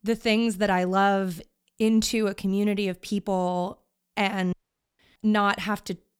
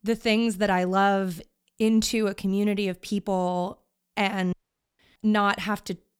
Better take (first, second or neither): neither